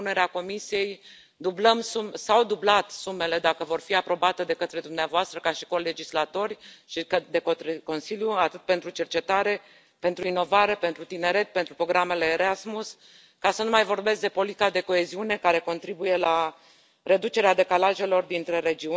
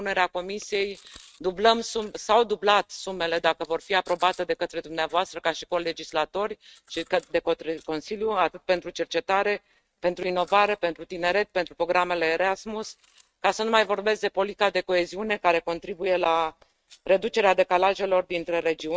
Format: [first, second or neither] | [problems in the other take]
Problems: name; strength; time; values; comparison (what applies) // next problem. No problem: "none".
first | noise reduction (neural mask model RNNoise)